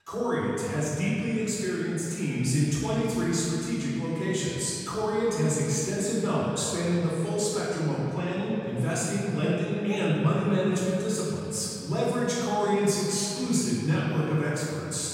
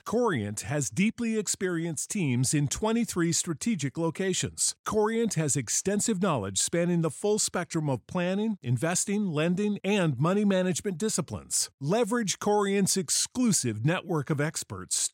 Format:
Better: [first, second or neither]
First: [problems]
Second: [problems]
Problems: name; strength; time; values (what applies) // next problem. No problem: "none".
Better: second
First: off-mic speech; far // room echo; strong; dies away in 2.5 s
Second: none